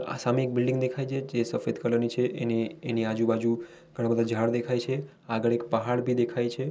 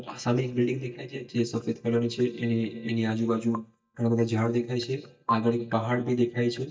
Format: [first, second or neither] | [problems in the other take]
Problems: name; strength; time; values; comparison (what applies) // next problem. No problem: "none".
first | noise reduction (neural mask model DeepFilterNet 3)